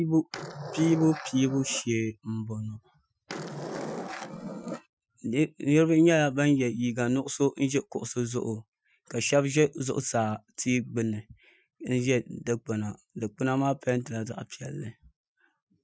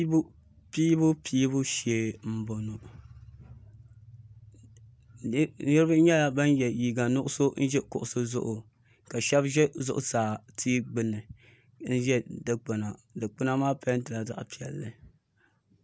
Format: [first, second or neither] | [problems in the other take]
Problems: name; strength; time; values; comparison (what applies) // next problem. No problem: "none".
second | noise reduction (classical method Wiener filter)